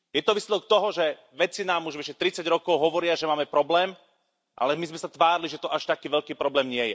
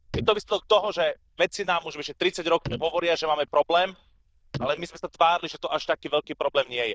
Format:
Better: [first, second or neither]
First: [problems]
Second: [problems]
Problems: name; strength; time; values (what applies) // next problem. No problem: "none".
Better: first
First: none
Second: noise reduction (neural diffusion model UNIVERSE++)